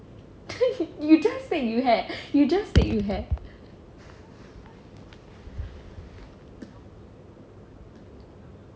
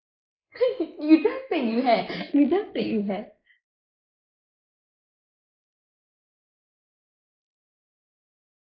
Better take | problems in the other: first | noise reduction (neural mask model Resemble Enhance denoiser)

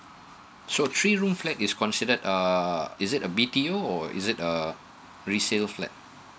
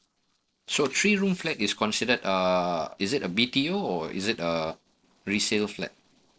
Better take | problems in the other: first | noise reduction (neural separator model SepFormer DNS4)

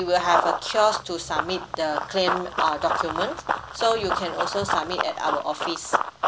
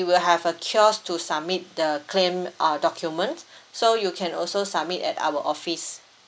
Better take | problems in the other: second | background sound (Run); 2 dB below the speech

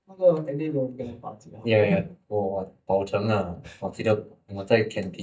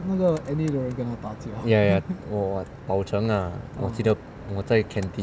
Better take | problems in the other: second | noise reduction (neural mask model DeepFilterNet 3)

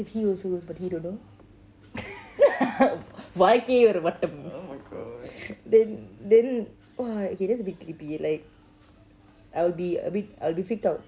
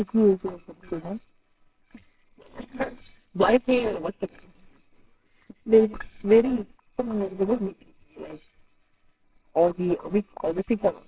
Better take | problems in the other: first | noise reduction (neural separator model SepFormer WHAMR!)

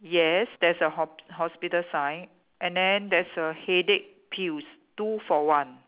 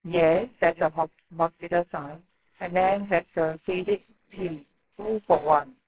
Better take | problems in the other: first | noise reduction (neural separator model SepFormer WHAMR!)

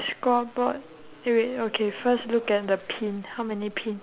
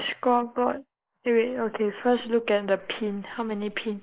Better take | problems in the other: first | noise reduction (neural mask model Resemble Enhance denoiser)

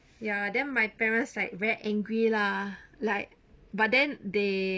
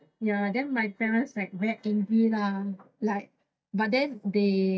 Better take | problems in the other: first | noise reduction (neural mask model DeepFilterNet 3)

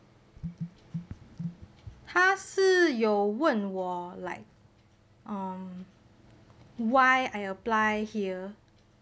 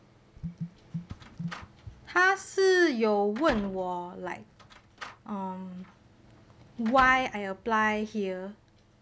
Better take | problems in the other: first | background sound (Slam); 17 dB below the speech

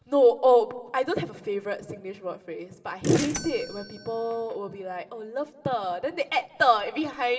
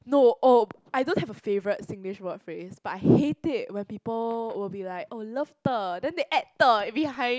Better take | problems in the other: second | background sound (Bell / Mechanisms); 15 dB below the speech // room echo; dies away in 2.2 s

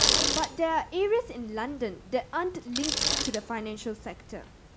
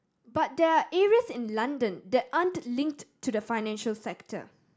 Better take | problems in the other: second | background sound (Bicycle); as loud as the speech

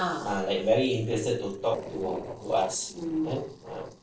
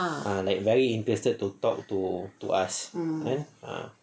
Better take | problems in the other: second | noise reduction (neural separator model SepFormer DNS4)

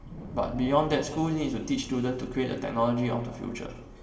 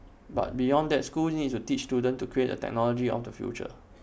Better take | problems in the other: second | background sound (Wind); 17 dB below the speech // room echo; dies away in 2.1 s

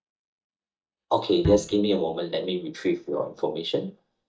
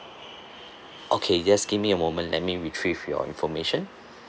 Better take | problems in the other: second | noise reduction (neural mask model DeepFilterNet 3)

